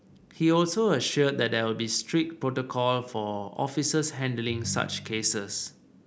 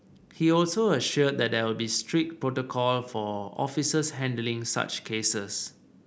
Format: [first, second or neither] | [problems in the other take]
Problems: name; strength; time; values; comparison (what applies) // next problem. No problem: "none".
second | background sound (Ringtone); 13 dB below the speech